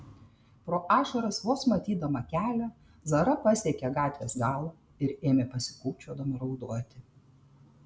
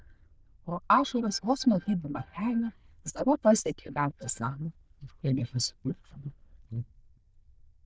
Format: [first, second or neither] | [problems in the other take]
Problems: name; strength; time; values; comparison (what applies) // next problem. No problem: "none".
first | noise reduction (neural diffusion model UNIVERSE++)